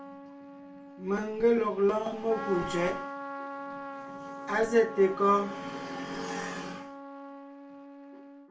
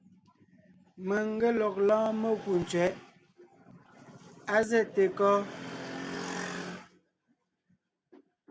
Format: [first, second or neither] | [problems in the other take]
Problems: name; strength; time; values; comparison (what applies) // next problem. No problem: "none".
second | background sound (Trumpet); 11 dB below the speech // room echo; dies away in 0.3 s